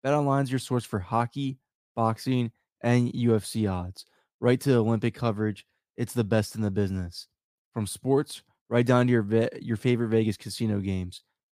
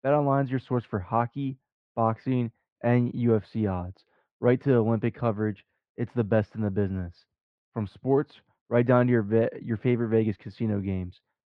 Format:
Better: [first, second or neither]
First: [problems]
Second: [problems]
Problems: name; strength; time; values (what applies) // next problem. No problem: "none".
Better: first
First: none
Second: muffled; very; fading above 2.5 kHz